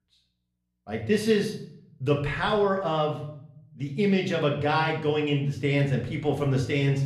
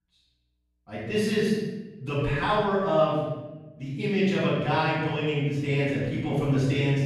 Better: first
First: room echo; slight; dies away in 0.6 s // off-mic speech; far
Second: room echo; strong; dies away in 1.1 s // off-mic speech; far

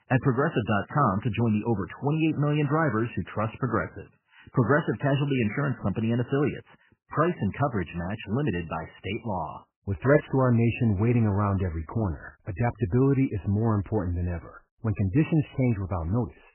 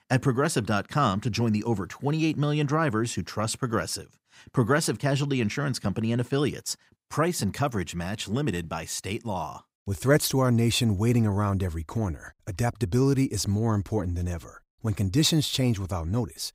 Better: second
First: garbled, watery; badly; nothing above 3 kHz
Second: none

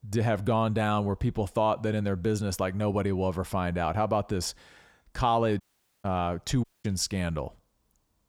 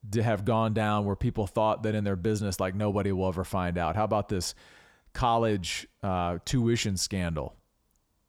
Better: second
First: audio cutting out; at 5.5 s and at 6.5 s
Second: none

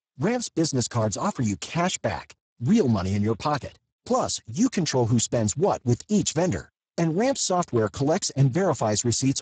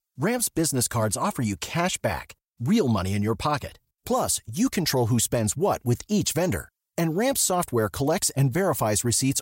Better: second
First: garbled, watery; badly; nothing above 7.5 kHz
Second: none

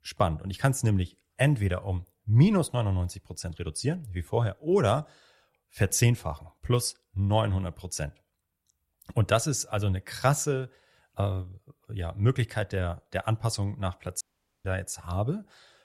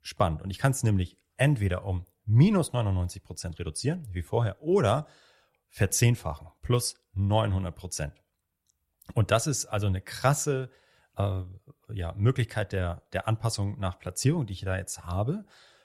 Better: second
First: audio cutting out; at 14 s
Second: none

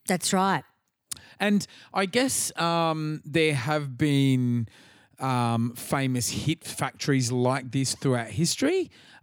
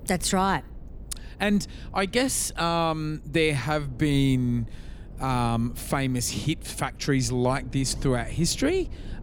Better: first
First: none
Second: low rumble; faint; throughout; 25 dB below the speech

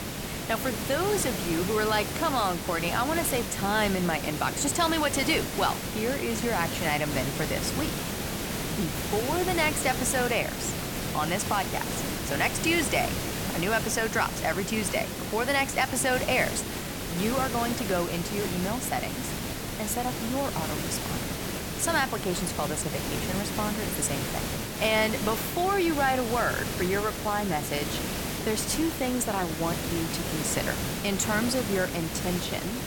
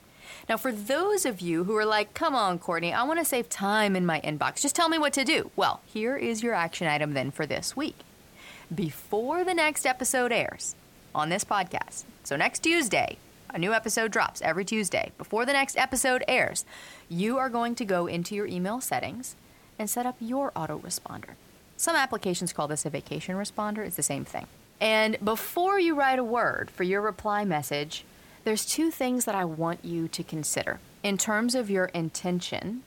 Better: second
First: hiss; loud; throughout; 3 dB below the speech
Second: hiss; faint; throughout; 25 dB below the speech

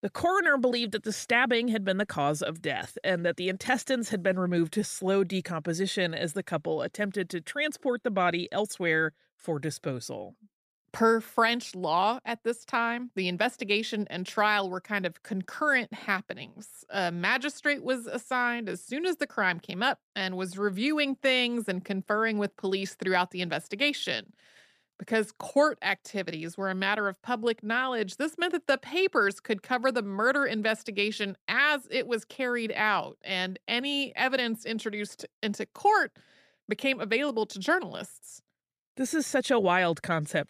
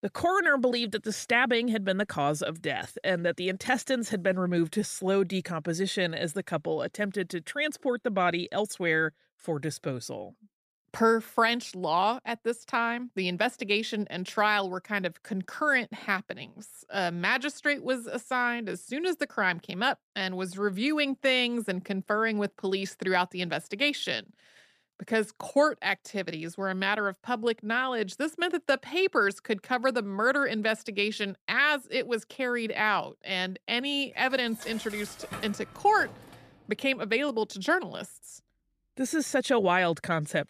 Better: first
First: none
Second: clattering dishes; faint; from 34 to 36 s; peak 10 dB below the speech

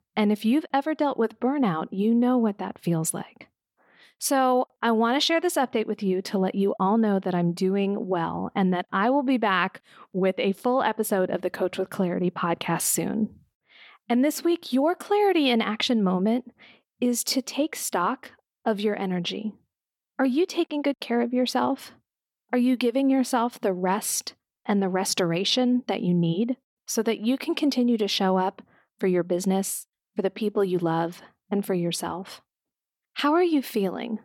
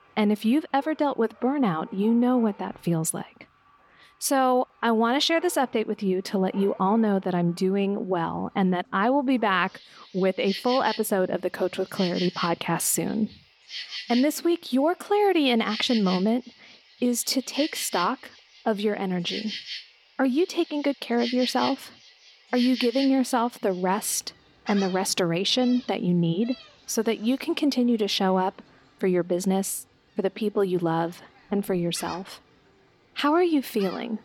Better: first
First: none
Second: animal sounds; noticeable; throughout; 15 dB below the speech

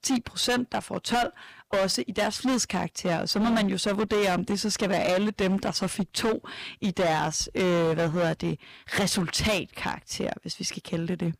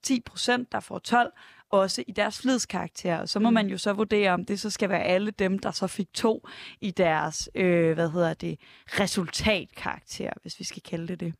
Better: second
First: distortion; heavy; 16% of the sound clipped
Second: none

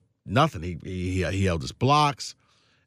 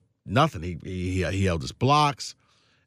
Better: neither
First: none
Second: none

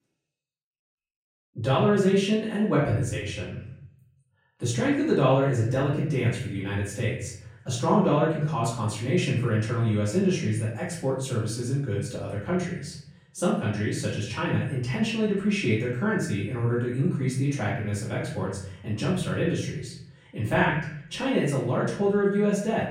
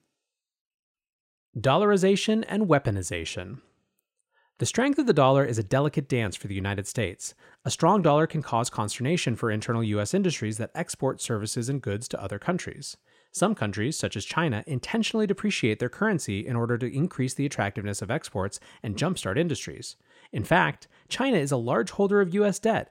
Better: second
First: room echo; noticeable; dies away in 0.8 s // off-mic speech; far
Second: none

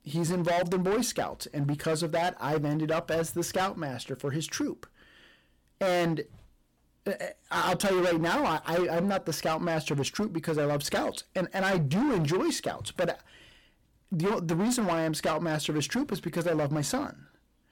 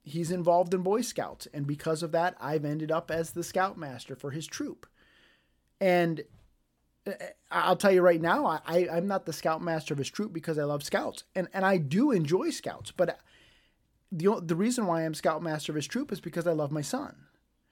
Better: second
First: distortion; heavy; 17% of the sound clipped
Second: none

